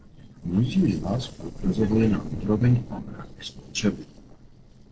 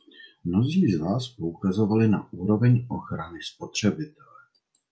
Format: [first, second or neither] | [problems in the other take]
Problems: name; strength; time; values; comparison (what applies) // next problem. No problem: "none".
second | noise reduction (neural separator model SepFormer DNS4)